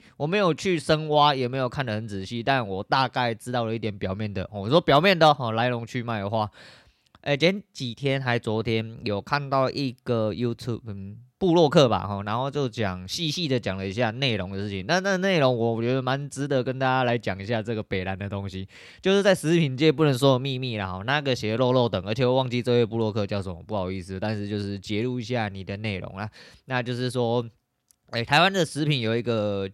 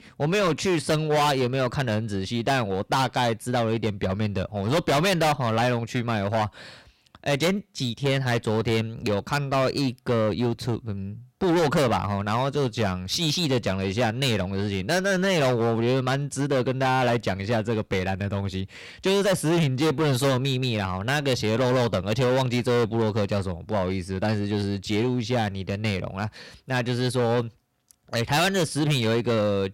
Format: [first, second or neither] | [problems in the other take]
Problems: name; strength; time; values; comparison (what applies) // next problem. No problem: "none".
first | distortion; heavy; 15% of the sound clipped